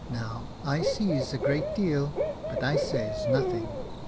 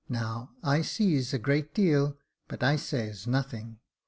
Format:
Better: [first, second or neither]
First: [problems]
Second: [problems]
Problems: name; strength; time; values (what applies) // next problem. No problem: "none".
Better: second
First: background sound (Cricket / Bird); as loud as the speech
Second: none